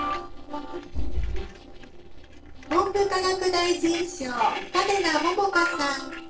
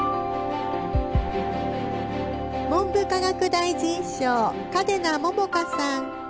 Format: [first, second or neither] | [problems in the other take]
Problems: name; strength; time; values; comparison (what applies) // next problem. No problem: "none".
second | noise reduction (neural separator model SepFormer DNS4)